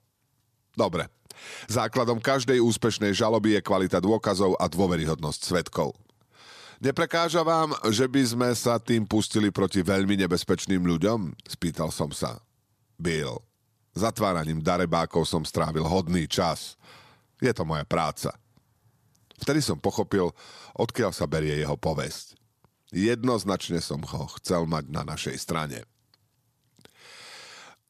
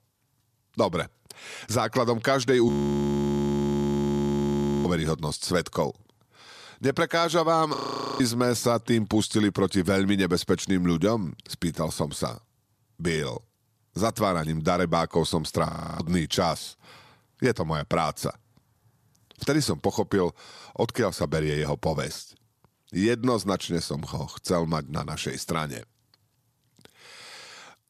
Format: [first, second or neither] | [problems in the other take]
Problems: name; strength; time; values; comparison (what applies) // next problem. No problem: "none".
first | audio freezing; at 2.5 s for 2 s, at 8 s and at 16 s